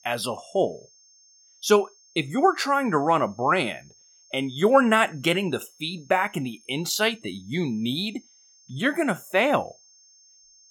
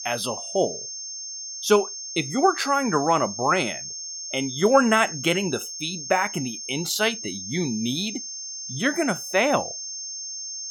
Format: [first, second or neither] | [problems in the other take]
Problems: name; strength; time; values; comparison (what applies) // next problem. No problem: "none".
first | high-pitched whine; loud; throughout; 6.5 kHz, 8 dB below the speech; faint in the first